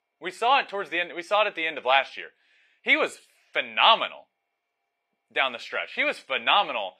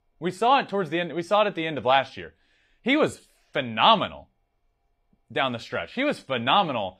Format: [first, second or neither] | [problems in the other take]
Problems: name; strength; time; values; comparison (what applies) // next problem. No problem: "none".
second | thin; somewhat; fading below 450 Hz